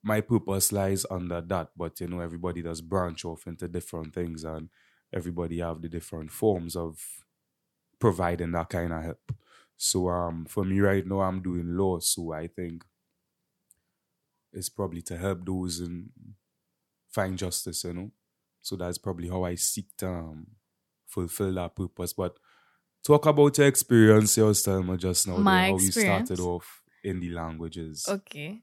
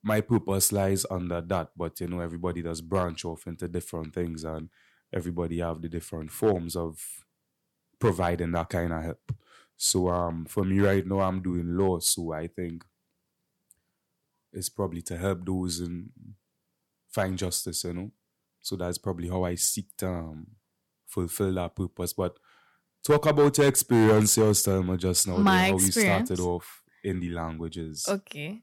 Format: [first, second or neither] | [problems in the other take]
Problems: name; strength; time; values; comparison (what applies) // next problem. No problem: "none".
first | distortion; slight; 1.2% of the sound clipped